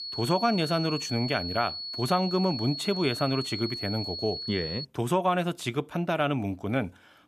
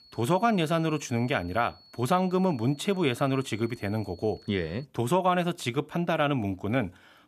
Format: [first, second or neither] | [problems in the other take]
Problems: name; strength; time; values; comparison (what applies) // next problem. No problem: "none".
second | high-pitched whine; loud; until 5 s; 4.5 kHz, 5 dB below the speech; faint in the second